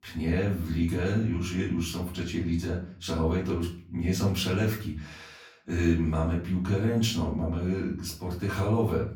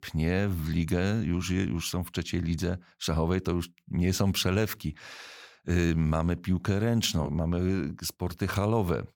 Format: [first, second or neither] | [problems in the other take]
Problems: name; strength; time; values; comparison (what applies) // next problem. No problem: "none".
second | off-mic speech; far // room echo; slight; dies away in 0.4 s